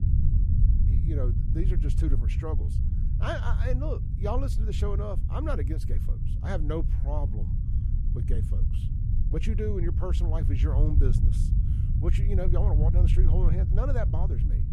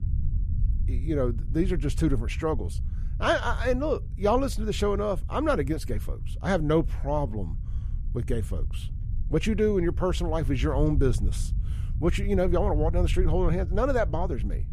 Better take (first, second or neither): second